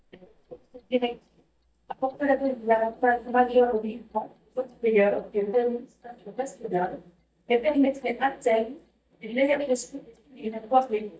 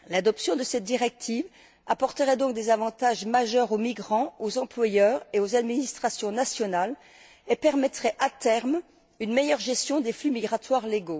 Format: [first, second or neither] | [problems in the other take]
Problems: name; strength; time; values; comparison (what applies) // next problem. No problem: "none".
second | noise reduction (neural mask model DeepFilterNet 3)